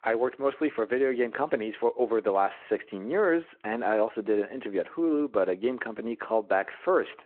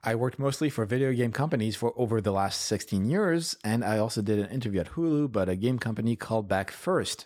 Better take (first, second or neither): second